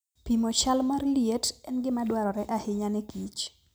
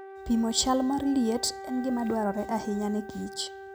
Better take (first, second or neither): first